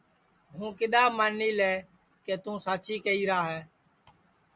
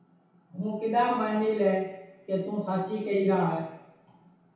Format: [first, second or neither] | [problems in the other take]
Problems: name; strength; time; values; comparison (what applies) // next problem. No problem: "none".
first | room echo; dies away in 0.8 s